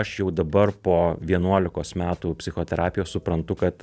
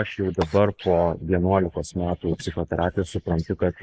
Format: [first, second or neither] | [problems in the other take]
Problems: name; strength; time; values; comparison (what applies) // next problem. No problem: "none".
first | noise reduction (neural mask model Resemble Enhance denoiser)